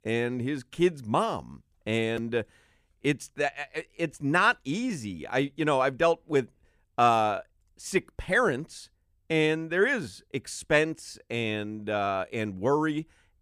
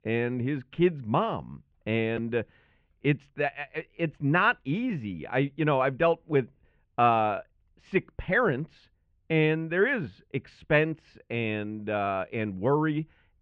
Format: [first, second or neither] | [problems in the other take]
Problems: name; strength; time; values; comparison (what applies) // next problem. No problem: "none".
first | muffled; very; fading above 3 kHz